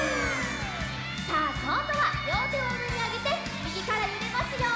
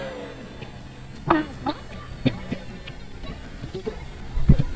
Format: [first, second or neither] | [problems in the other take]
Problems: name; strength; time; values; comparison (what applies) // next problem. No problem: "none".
first | noise reduction (neural mask model DeepFilterNet 3)